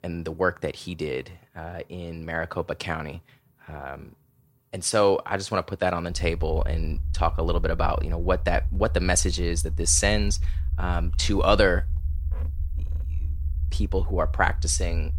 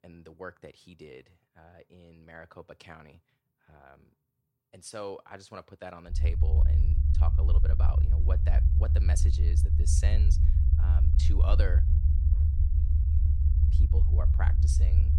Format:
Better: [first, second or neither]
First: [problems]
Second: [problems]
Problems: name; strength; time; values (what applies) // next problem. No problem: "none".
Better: first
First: low rumble; faint; from 6 s on; 25 dB below the speech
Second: low rumble; loud; from 6 s on; 1 dB below the speech